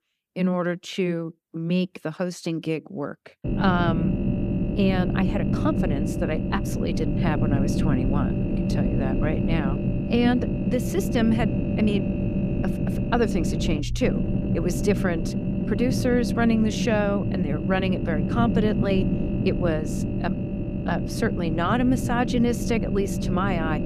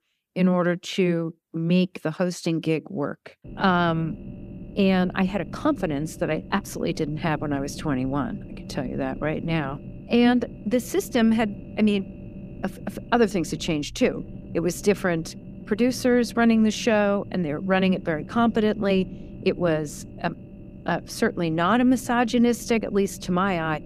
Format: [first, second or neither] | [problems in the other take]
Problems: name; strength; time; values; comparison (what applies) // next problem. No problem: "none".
second | low rumble; loud; from 3.5 s on; 4 dB below the speech; faint in the second